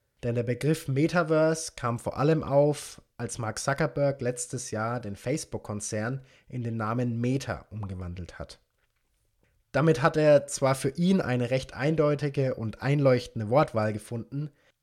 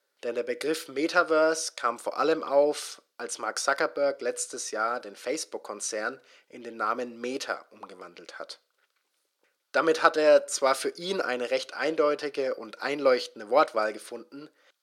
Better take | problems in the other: first | thin; very; fading below 350 Hz

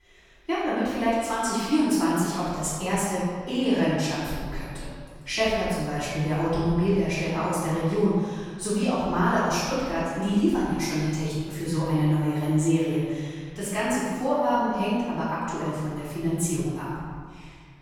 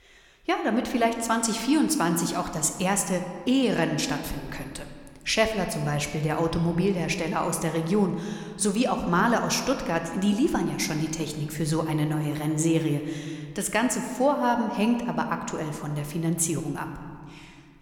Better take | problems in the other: second | room echo; strong; dies away in 1.8 s; slight in the second // off-mic speech; far

